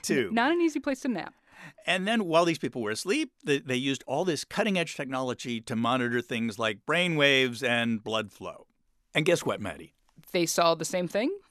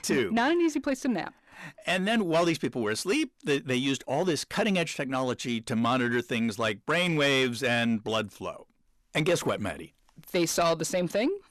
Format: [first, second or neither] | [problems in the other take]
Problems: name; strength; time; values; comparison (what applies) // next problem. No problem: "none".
first | distortion; slight; 10 dB below the speech